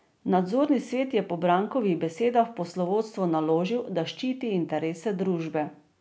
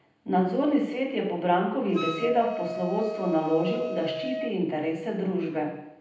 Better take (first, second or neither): first